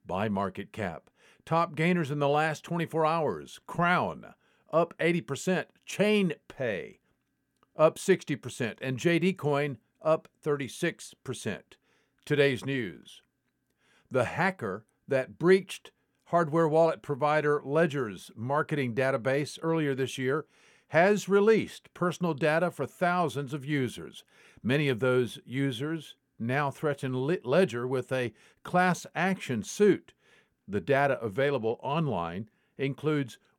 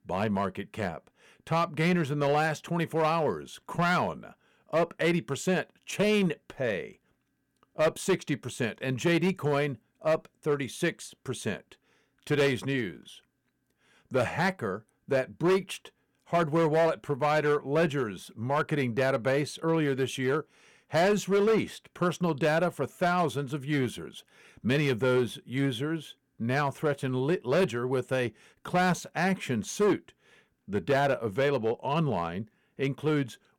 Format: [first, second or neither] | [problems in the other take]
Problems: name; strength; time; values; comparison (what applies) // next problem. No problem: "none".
first | distortion; slight; 5% of the sound clipped